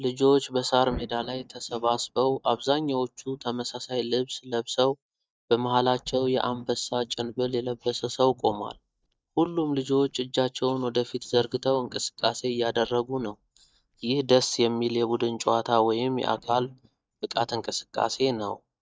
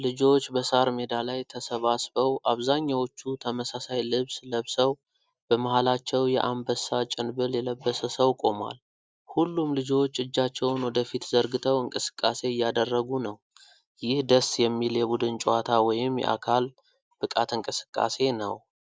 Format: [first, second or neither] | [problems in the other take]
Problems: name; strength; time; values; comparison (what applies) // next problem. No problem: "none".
second | noise reduction (neural mask model DeepFilterNet 3)